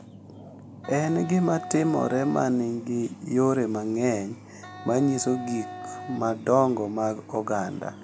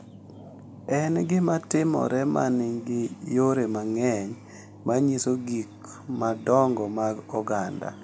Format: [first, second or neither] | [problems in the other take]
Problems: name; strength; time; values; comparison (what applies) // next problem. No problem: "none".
second | background sound (Wind instrument, woodwind instrument); 14 dB below the speech